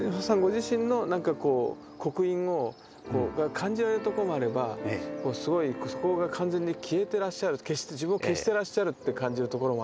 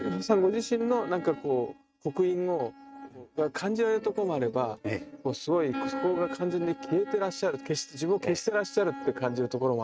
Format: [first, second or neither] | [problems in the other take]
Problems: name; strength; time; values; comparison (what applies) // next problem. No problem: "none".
first | noise reduction (neural mask model RNNoise)